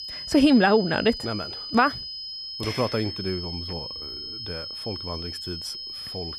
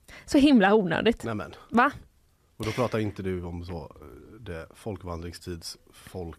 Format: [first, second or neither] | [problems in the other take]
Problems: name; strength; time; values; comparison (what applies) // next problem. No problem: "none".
second | high-pitched whine; loud; throughout; 5 kHz, 9 dB below the speech